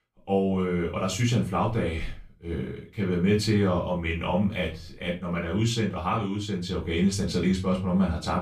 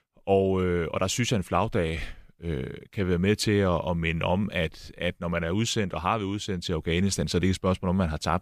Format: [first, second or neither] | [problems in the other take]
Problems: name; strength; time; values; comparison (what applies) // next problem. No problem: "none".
second | off-mic speech; far // room echo; slight; dies away in 0.3 s